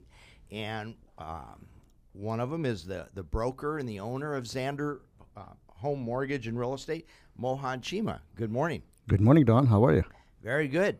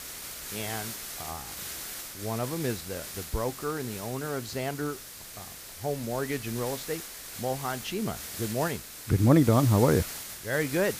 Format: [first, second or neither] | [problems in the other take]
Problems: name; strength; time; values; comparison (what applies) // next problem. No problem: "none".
first | hiss; loud; throughout; 9 dB below the speech